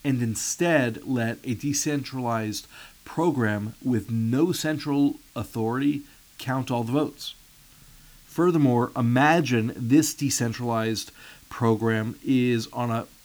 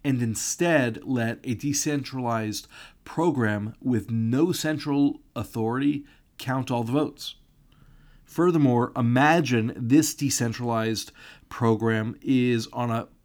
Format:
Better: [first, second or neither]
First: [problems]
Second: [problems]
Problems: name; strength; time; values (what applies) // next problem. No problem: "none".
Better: second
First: hiss; faint; throughout; 25 dB below the speech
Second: none